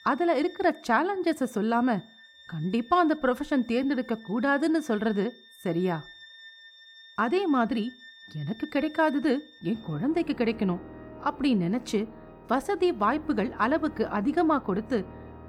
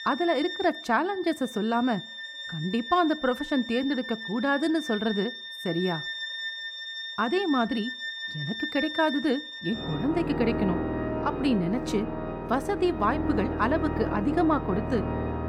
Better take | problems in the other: first | background music; loud; throughout; 5 dB below the speech; faint in the first

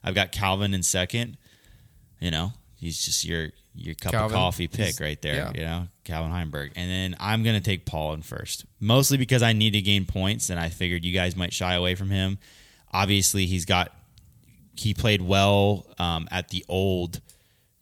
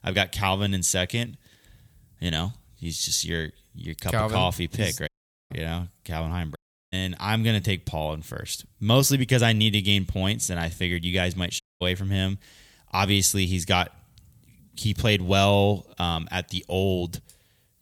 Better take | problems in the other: first | audio cutting out; at 5 s, at 6.5 s and at 12 s

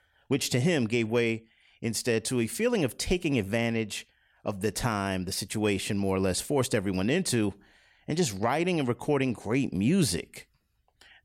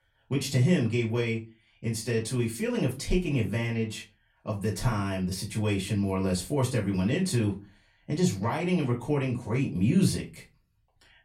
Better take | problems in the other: first | off-mic speech; far // room echo; very slight; dies away in 0.2 s

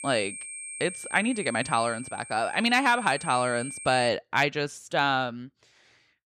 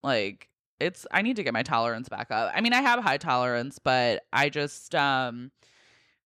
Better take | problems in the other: second | high-pitched whine; noticeable; until 4 s; 8.5 kHz, 10 dB below the speech

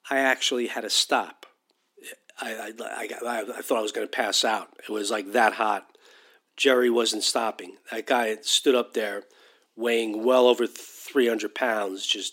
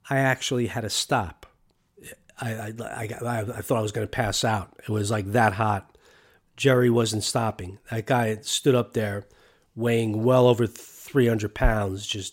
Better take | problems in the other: second | thin; somewhat; fading below 250 Hz

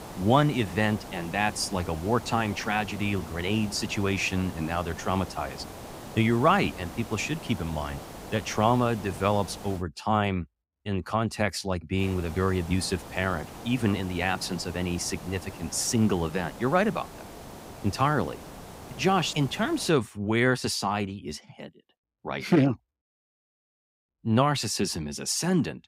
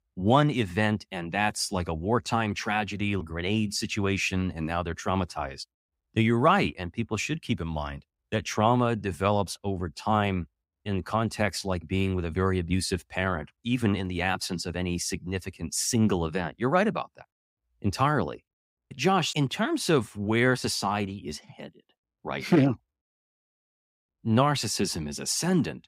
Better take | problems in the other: second | hiss; noticeable; until 10 s and from 12 to 20 s; 15 dB below the speech

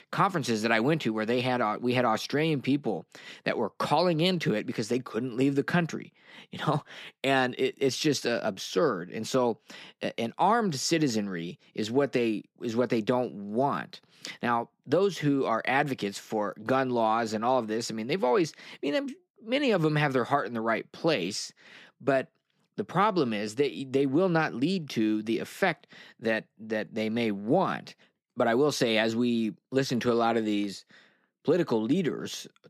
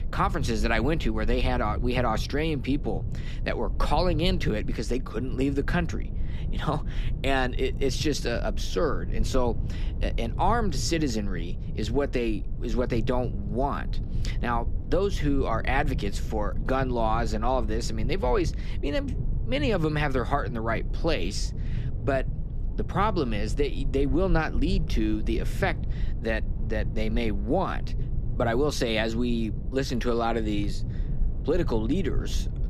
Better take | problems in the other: first | low rumble; noticeable; throughout; 15 dB below the speech

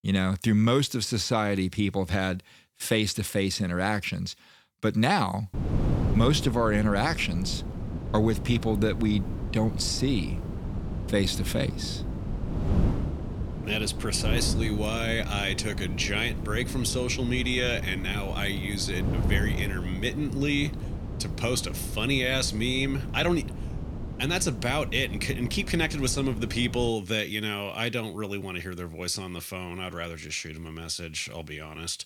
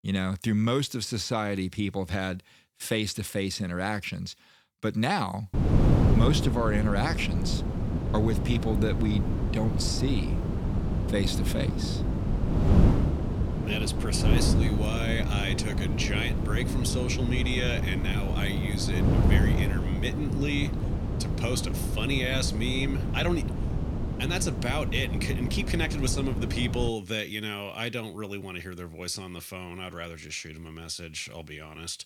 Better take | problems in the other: first | wind noise on the microphone; heavy; from 5.5 to 27 s; 4 dB below the speech; occasional gusts in the first

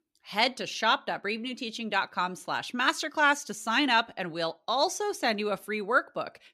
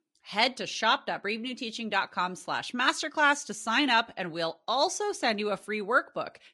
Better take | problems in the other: first | garbled, watery; slightly; nothing above 10.5 kHz

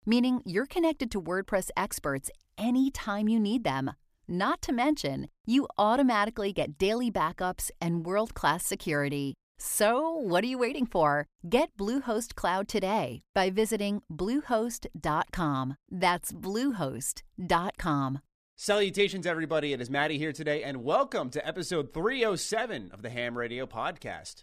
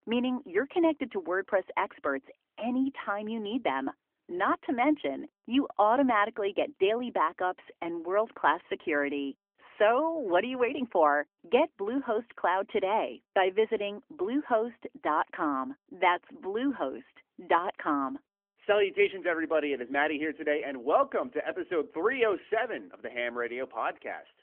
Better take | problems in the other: first | phone-call audio; nothing above 3.5 kHz

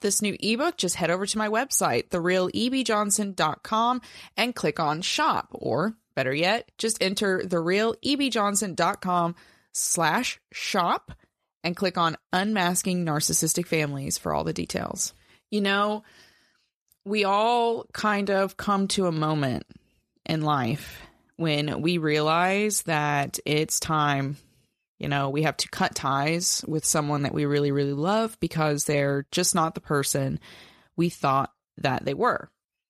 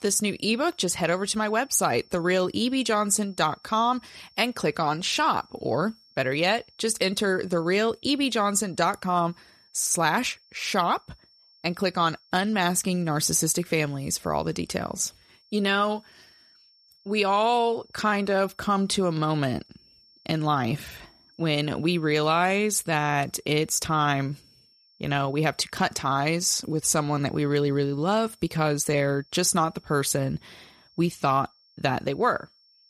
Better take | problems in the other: first | high-pitched whine; faint; throughout; 5.5 kHz, 30 dB below the speech

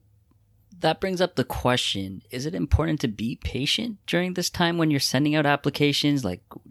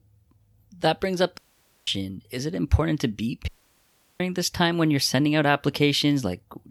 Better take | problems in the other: first | audio cutting out; at 1.5 s and at 3.5 s for 0.5 s

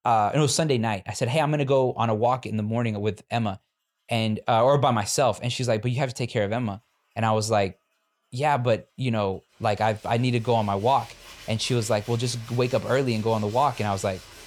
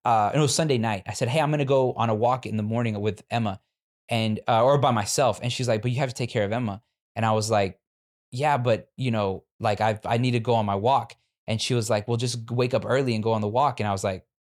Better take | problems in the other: second | machinery noise; noticeable; throughout; 20 dB below the speech

